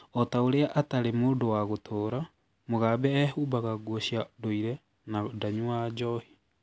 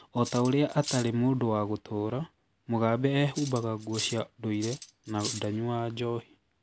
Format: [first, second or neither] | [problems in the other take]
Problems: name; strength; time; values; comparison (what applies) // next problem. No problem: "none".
first | background sound (Cutlery, silverware); 11 dB below the speech